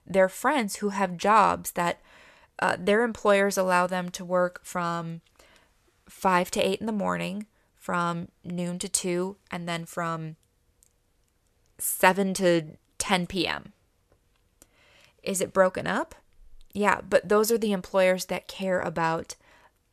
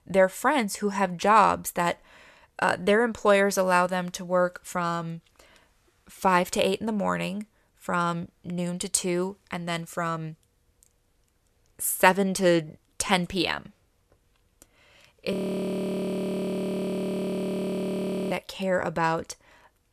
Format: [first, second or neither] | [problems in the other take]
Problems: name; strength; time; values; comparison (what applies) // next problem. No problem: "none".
first | audio freezing; at 15 s for 3 s